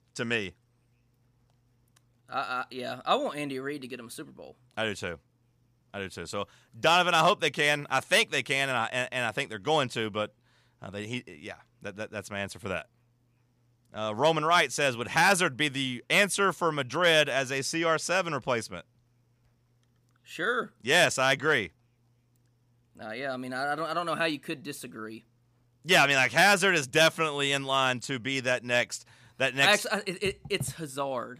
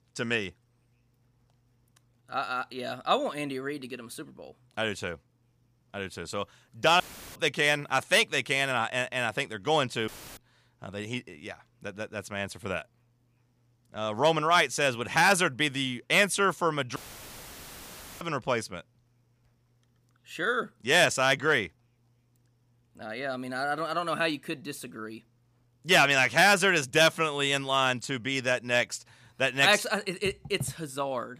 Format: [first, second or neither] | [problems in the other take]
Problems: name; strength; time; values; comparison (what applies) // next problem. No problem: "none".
first | audio cutting out; filled with static; at 7 s, at 10 s and at 17 s for 1.5 s